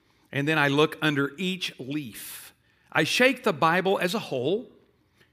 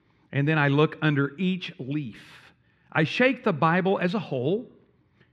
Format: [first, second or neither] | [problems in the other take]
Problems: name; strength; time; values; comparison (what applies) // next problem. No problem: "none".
first | muffled; slightly; fading above 3 kHz